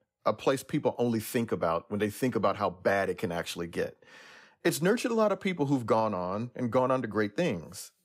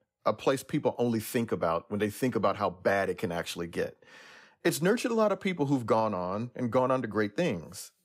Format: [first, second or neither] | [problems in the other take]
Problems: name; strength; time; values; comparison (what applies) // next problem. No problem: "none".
neither | none